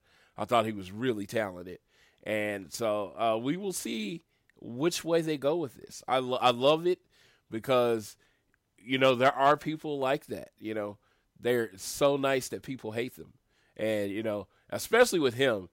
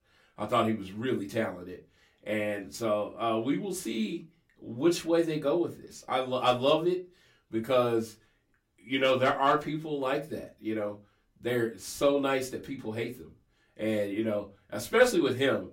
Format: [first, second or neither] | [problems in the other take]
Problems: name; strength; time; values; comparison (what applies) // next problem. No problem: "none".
first | off-mic speech; far // room echo; very slight; dies away in 0.2 s